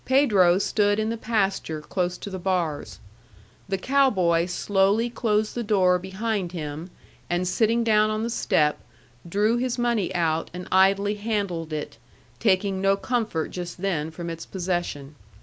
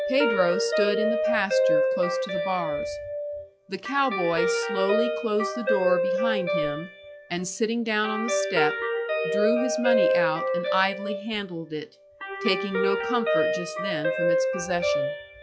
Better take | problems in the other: first | noise reduction (classical method log-MMSE)

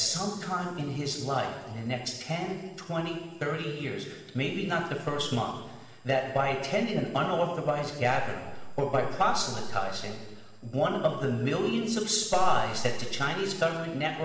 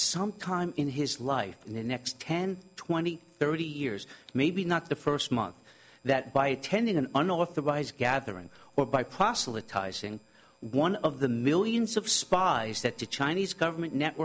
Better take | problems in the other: second | room echo; dies away in 1.2 s

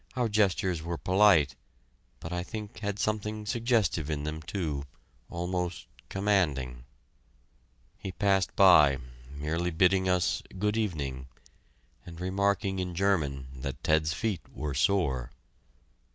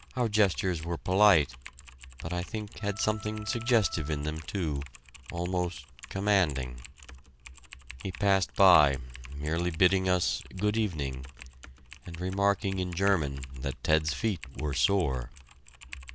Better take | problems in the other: first | background sound (Typing + Wind instrument, woodwind instrument); 17 dB below the speech

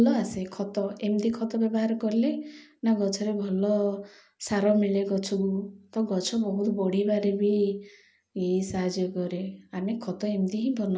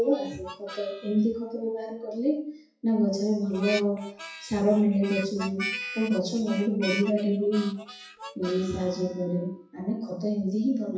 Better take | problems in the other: first | noise reduction (classical method WPE with log-MMSE)

